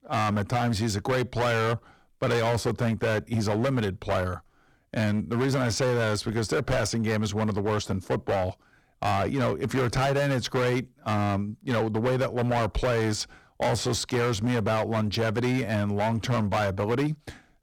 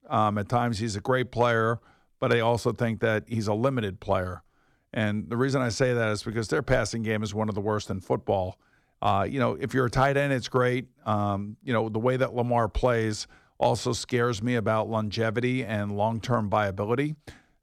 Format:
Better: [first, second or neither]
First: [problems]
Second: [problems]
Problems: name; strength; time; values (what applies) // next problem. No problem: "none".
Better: second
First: distortion; heavy; 18% of the sound clipped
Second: none